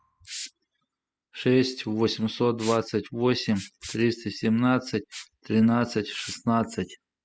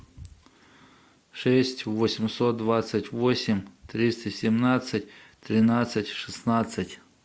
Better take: second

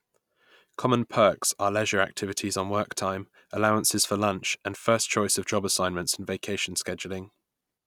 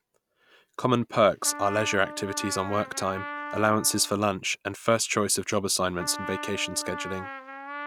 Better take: first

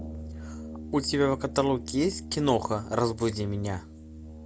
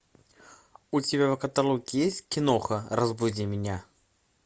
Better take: second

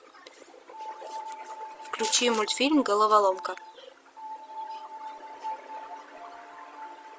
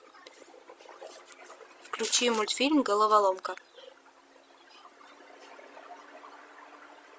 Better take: second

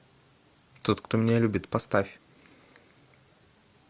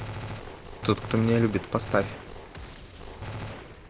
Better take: first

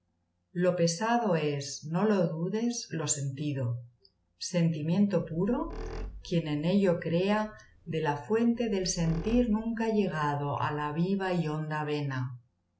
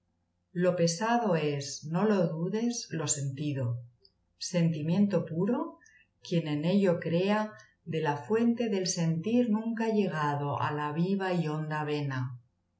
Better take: second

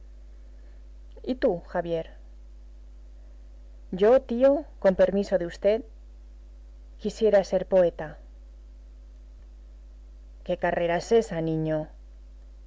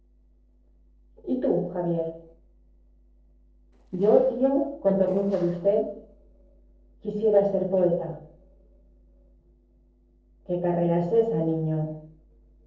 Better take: first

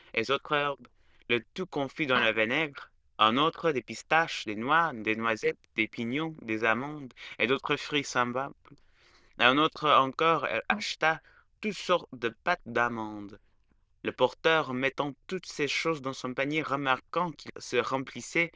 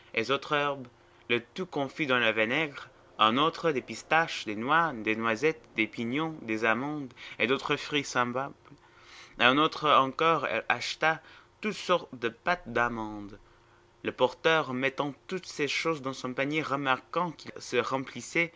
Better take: second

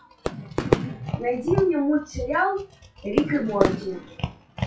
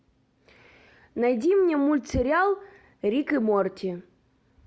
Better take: second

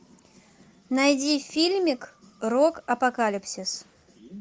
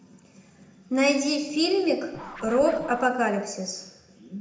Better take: first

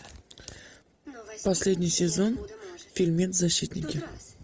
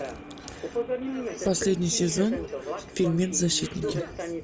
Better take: first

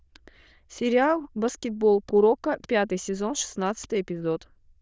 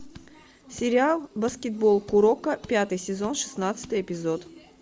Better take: second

